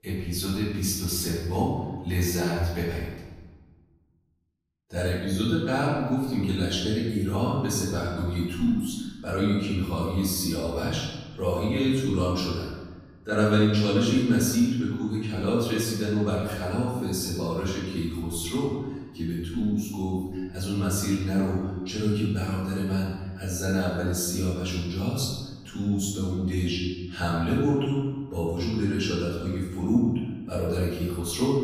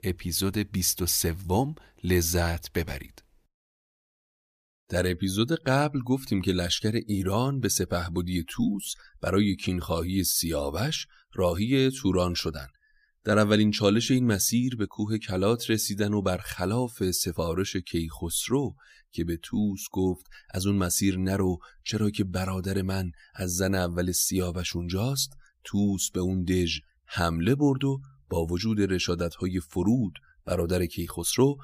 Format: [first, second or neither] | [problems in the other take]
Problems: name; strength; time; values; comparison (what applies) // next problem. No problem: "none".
second | room echo; noticeable; dies away in 1.2 s // off-mic speech; far